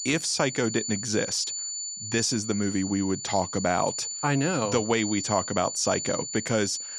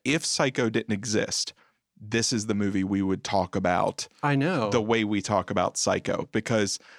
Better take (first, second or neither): second